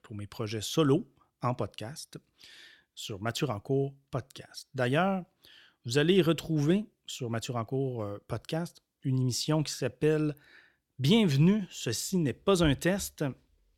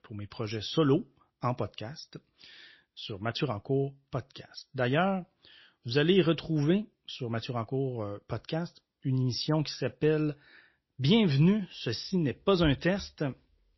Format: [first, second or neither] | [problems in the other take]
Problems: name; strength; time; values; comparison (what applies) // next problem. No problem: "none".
first | garbled, watery; slightly; nothing above 5.5 kHz